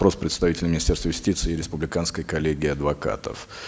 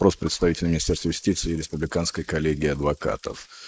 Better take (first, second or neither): first